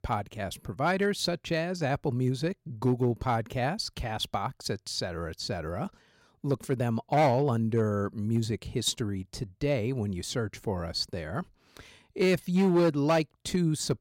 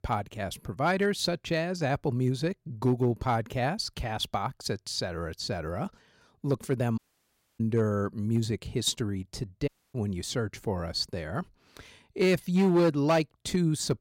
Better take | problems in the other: first | audio cutting out; at 7 s for 0.5 s and at 9.5 s

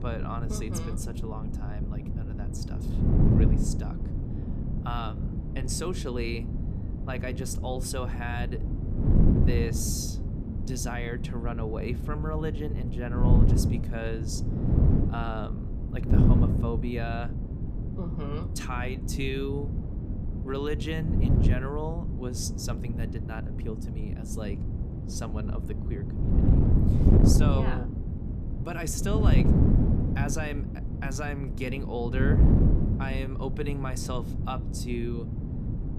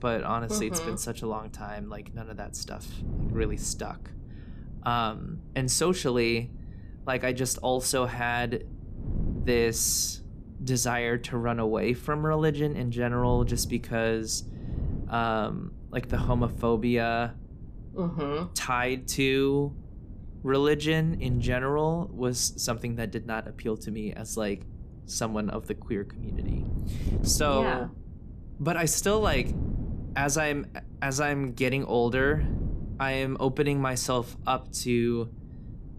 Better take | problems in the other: second | wind noise on the microphone; heavy; 2 dB below the speech; occasional gusts in the second

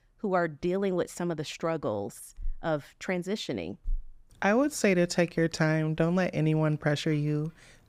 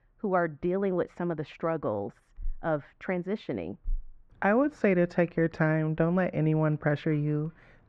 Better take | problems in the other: first | muffled; very; fading above 1.5 kHz

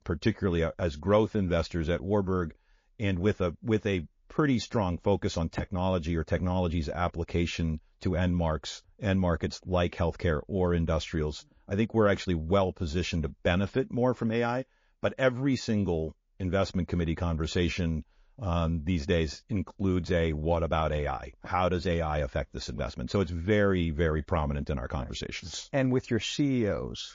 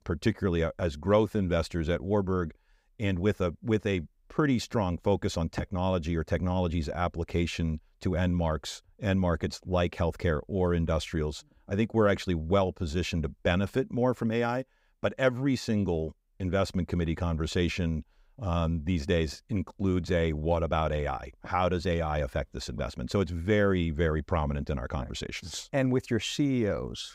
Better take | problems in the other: second | garbled, watery; slightly

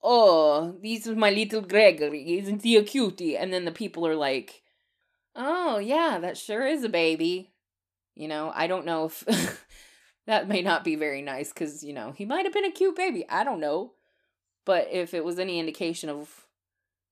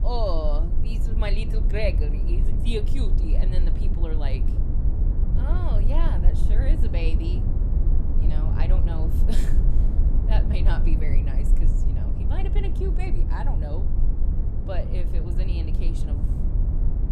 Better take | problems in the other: first | low rumble; loud; throughout; 5 dB below the speech

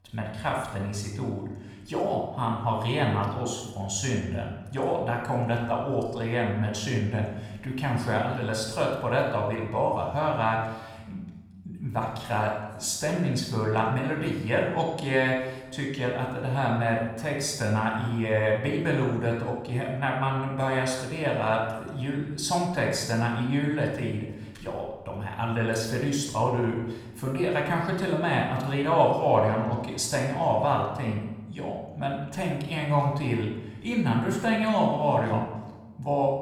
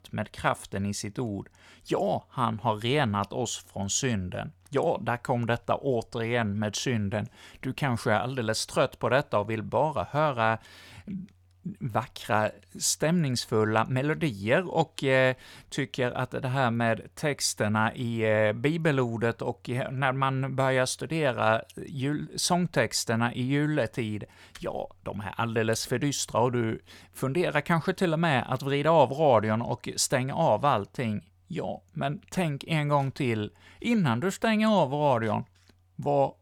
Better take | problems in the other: second | off-mic speech; somewhat distant // room echo; noticeable; dies away in 0.8 s

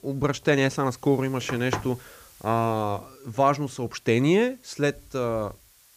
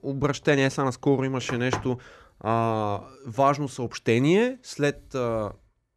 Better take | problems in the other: second | hiss; faint; throughout; 25 dB below the speech

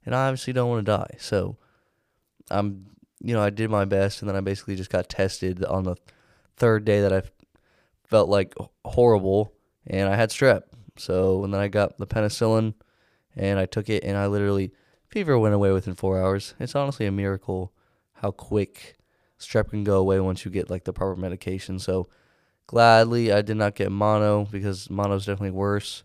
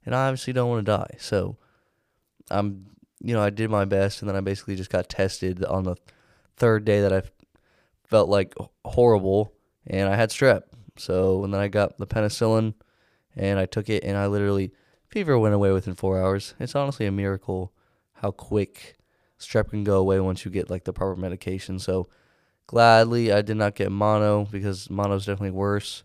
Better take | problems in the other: neither | none

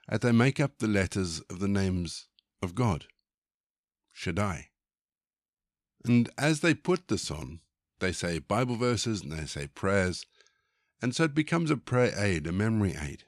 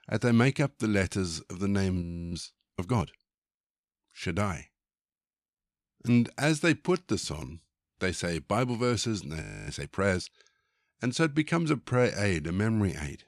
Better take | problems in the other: first | audio freezing; at 2 s and at 9.5 s

